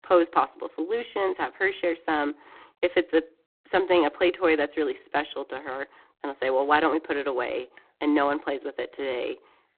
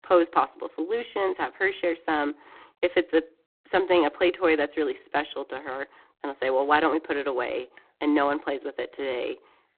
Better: neither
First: phone-call audio; poor line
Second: phone-call audio; poor line

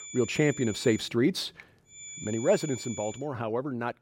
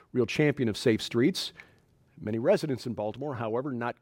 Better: second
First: high-pitched whine; noticeable; until 1 s and from 2 to 3 s; 7 kHz, 10 dB below the speech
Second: none

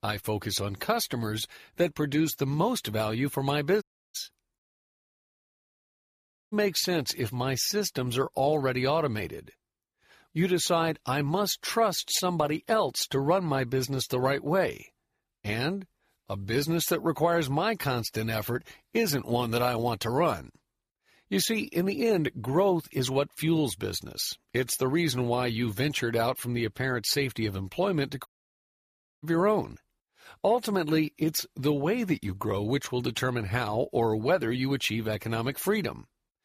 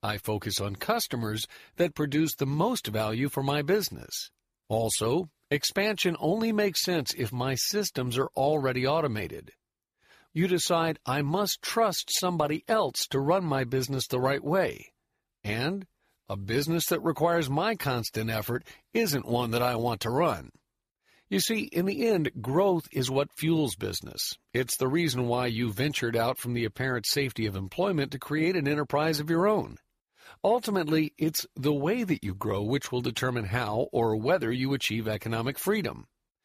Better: second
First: audio cutting out; at 4 s, at 4.5 s for 2 s and at 28 s for 1 s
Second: none

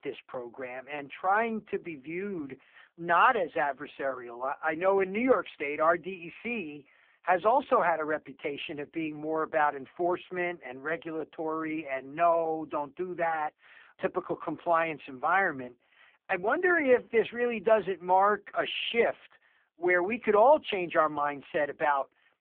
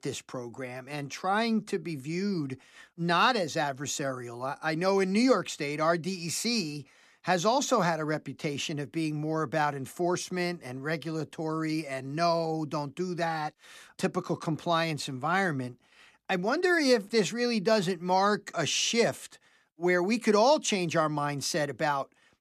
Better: second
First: phone-call audio; poor line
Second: none

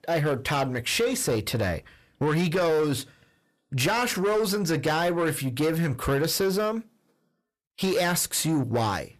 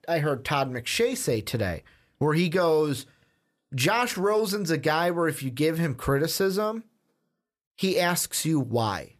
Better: second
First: distortion; slight; 10 dB below the speech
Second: none

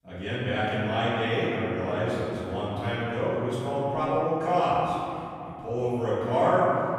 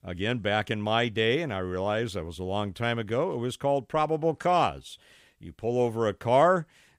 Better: second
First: off-mic speech; far // room echo; strong; dies away in 2.8 s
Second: none

